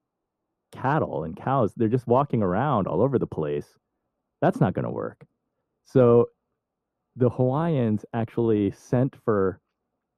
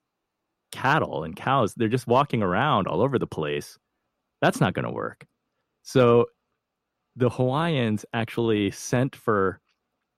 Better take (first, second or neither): second